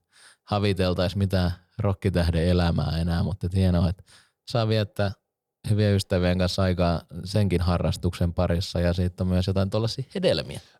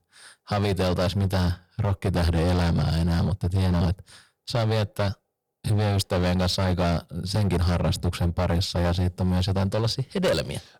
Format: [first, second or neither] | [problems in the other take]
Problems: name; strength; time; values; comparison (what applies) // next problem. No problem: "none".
first | distortion; heavy; 17% of the sound clipped